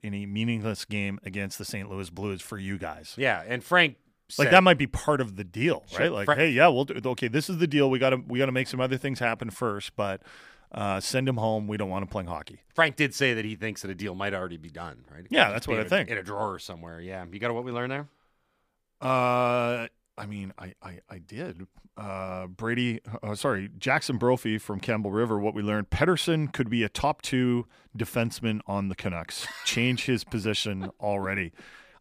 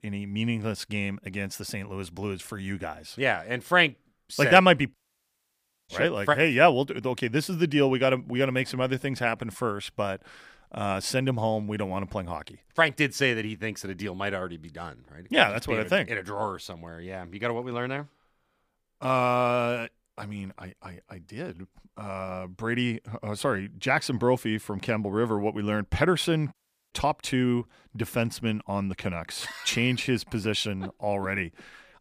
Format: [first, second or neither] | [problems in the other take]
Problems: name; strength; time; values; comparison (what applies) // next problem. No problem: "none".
first | audio cutting out; at 5 s for 1 s and at 27 s